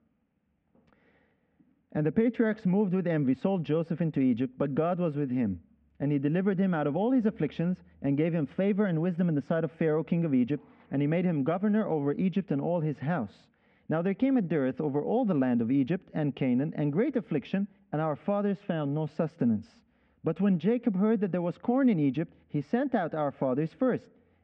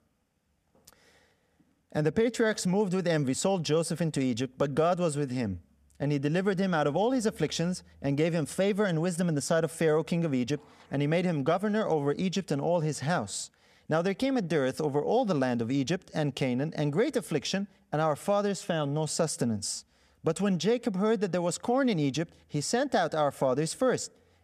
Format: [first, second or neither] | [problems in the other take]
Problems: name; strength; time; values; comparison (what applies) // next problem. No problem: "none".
second | muffled; very; fading above 2.5 kHz